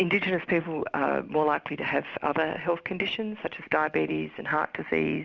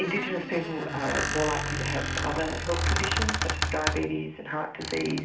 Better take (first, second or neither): first